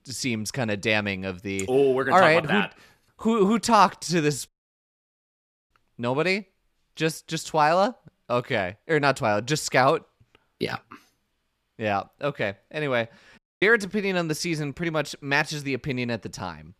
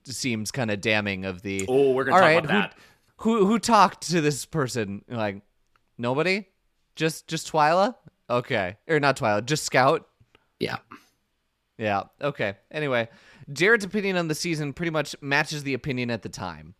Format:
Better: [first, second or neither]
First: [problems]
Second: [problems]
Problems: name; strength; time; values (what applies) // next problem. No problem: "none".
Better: second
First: audio cutting out; at 4.5 s for 1 s and at 13 s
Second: none